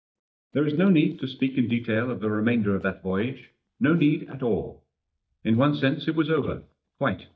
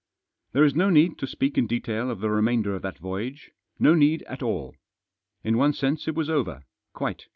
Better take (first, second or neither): second